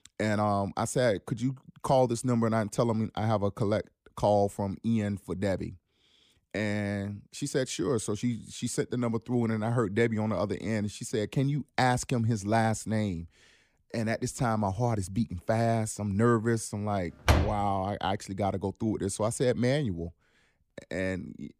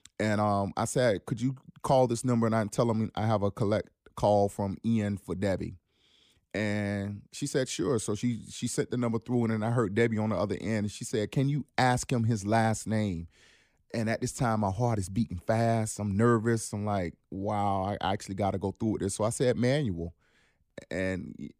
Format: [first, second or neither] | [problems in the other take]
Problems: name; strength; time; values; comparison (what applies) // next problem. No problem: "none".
second | door banging; loud; at 17 s; peak 3 dB above the speech